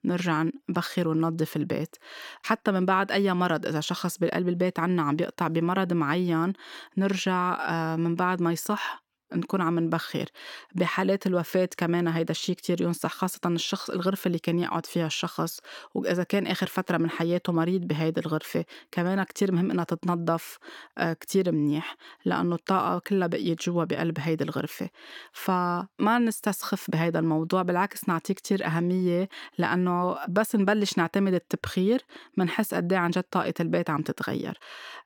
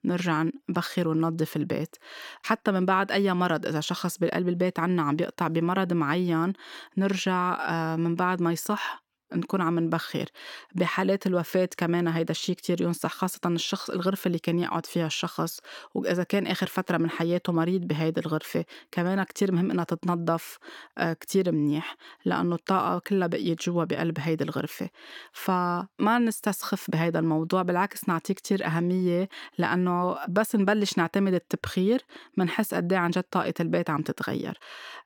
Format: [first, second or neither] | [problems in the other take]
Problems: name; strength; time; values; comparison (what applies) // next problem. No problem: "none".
neither | none